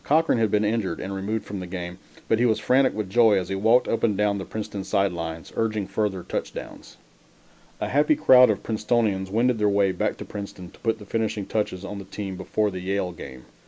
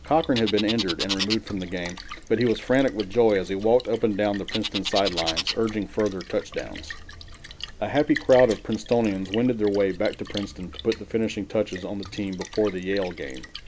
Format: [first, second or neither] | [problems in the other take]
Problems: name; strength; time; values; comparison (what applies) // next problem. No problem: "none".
first | background sound (Splash, splatter + Bird); 11 dB below the speech